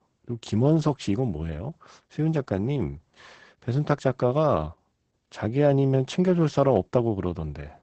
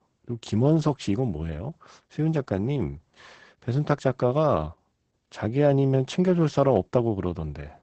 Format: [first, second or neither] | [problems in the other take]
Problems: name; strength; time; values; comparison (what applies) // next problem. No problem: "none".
neither | garbled, watery; badly; nothing above 8 kHz; the same in both